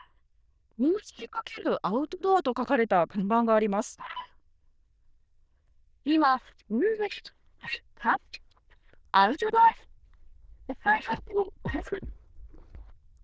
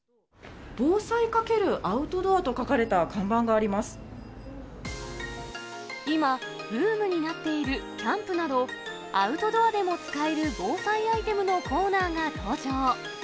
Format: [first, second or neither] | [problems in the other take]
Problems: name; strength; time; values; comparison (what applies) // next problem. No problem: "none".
second | noise reduction (neural diffusion model UNIVERSE++)